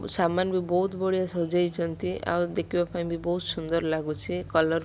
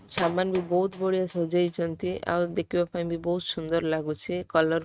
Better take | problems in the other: first | noise reduction (neural mask model RNNoise)

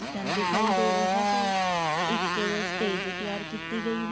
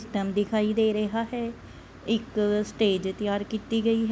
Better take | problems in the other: second | background sound (Motorcycle); 5 dB above the speech

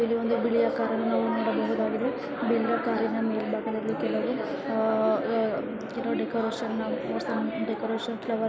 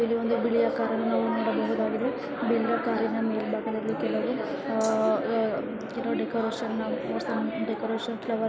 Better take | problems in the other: first | background sound (Rattle (instrument)); 16 dB below the speech

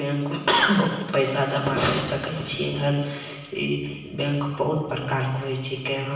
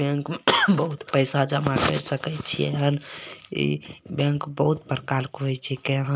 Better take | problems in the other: second | room echo; dies away in 1.2 s

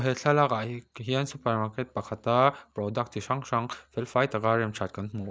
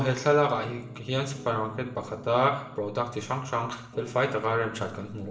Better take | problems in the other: first | background sound (Piano); 19 dB below the speech // room echo; dies away in 0.7 s

